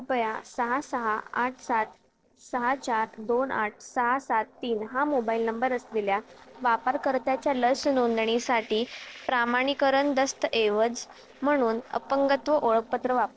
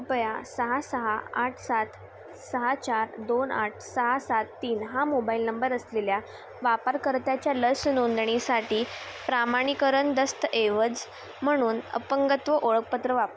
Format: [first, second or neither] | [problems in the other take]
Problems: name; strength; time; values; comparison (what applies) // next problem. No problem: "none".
second | noise reduction (neural separator model SepFormer DNS4)